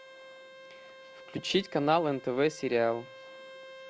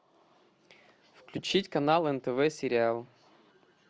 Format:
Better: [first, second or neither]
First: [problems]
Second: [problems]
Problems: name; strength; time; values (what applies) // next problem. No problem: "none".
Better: second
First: background sound (Bowed string instrument); 18 dB below the speech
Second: none